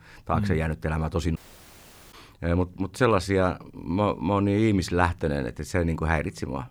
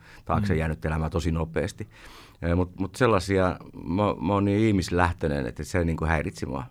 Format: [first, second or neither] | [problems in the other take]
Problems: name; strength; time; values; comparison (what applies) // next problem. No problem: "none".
second | audio cutting out; at 1.5 s for 1 s